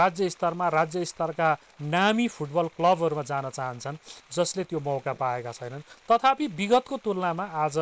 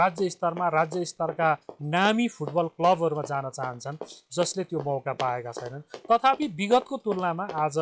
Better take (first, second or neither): first